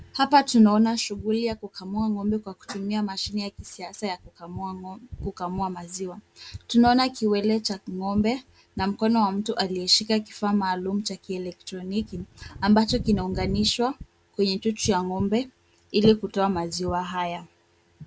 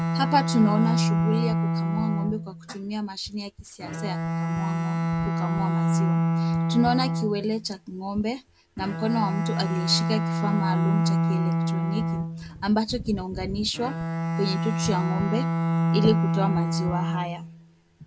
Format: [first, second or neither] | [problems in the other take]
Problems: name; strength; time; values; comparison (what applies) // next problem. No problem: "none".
first | background sound (Bowed string instrument); 3 dB above the speech